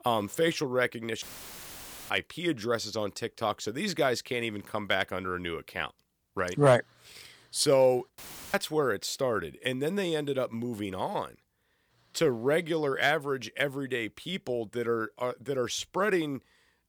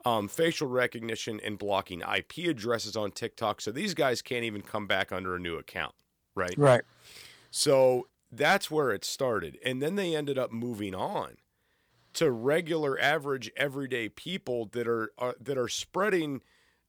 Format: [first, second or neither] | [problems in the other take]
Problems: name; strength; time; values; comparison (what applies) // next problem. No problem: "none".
second | audio cutting out; filled with static; at 1 s for 1 s and at 8 s